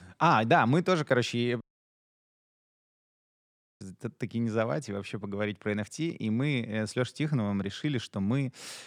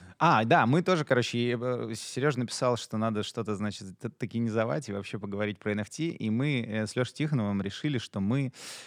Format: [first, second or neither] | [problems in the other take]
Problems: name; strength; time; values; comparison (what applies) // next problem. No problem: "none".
second | audio cutting out; at 1.5 s for 2 s